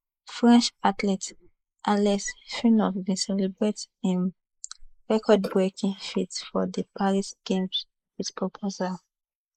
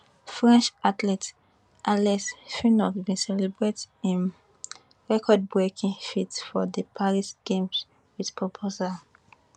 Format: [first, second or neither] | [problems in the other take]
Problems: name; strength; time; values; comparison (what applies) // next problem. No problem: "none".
second | noise reduction (neural mask model Resemble Enhance denoiser)